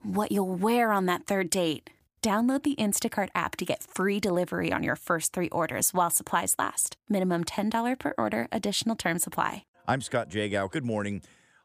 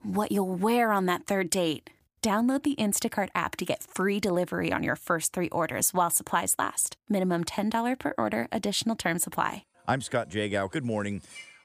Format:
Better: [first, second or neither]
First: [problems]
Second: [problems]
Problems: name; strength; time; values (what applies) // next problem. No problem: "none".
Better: first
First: none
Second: clattering dishes; faint; at 11 s; peak 15 dB below the speech